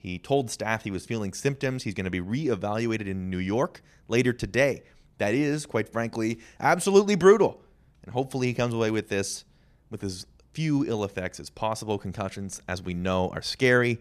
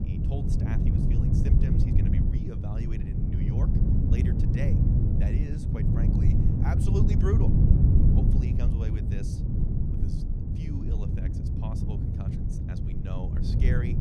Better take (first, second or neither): first